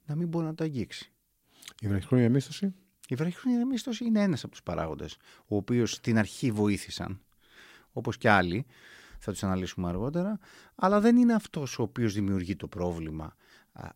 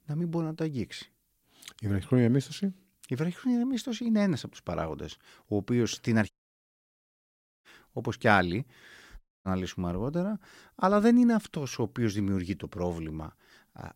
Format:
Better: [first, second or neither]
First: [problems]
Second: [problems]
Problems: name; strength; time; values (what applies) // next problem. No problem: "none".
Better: first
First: none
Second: audio cutting out; at 6.5 s for 1.5 s and at 9 s